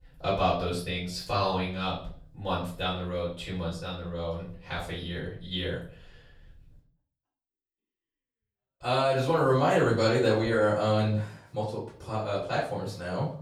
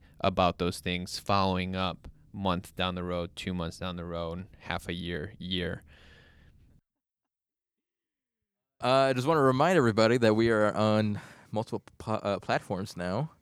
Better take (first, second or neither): second